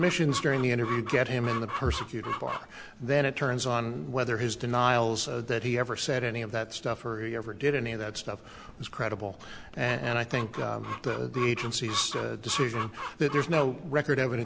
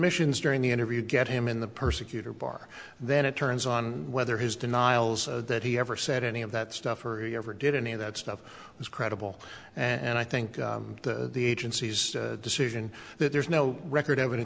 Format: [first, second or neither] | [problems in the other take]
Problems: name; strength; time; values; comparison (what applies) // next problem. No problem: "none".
second | background sound (Chicken, rooster); 12 dB below the speech